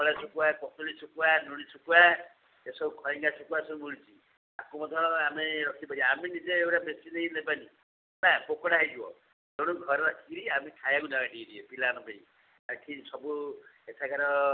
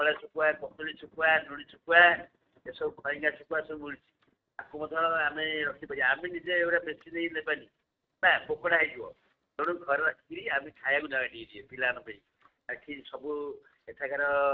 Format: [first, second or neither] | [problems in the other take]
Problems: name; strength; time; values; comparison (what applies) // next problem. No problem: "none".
first | noise reduction (neural mask model RNNoise)